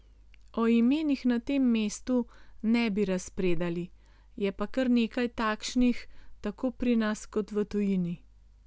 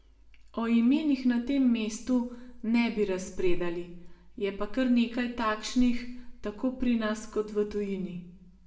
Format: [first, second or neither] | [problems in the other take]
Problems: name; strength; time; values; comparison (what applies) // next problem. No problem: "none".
first | room echo; dies away in 0.6 s